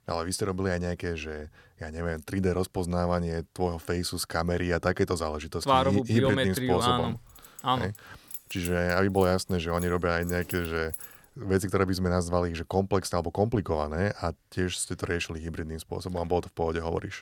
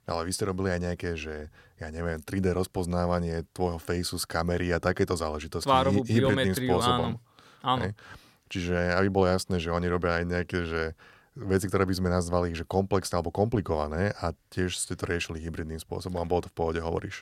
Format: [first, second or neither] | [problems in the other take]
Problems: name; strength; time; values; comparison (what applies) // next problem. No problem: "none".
second | jangling keys; noticeable; from 7.5 to 11 s; peak 10 dB below the speech